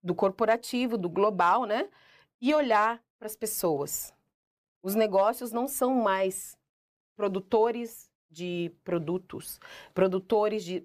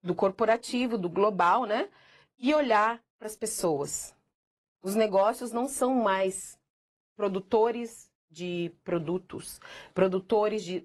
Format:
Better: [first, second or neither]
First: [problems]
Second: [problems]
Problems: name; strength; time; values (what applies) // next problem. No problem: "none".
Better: first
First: none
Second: garbled, watery; slightly; nothing above 12 kHz